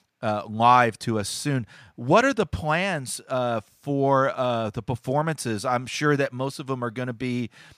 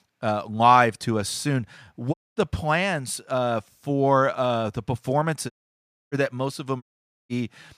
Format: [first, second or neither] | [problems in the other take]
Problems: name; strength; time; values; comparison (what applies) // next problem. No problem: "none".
first | audio cutting out; at 2 s, at 5.5 s for 0.5 s and at 7 s